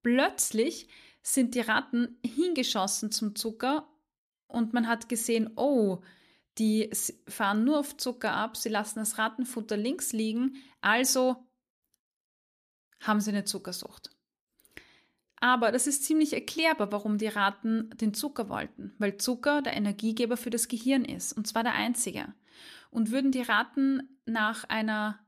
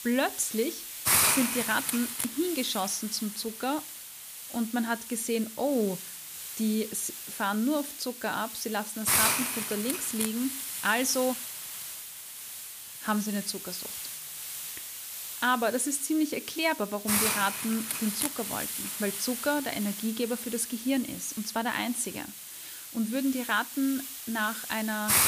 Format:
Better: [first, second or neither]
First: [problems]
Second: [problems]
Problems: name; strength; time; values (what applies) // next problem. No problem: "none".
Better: first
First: none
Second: hiss; loud; throughout; 2 dB below the speech